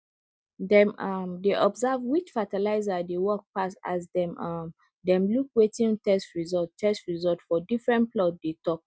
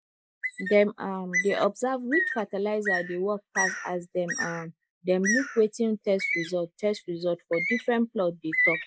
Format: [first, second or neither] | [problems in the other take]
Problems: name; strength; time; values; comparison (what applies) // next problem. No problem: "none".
first | noise reduction (neural mask model Resemble Enhance denoiser)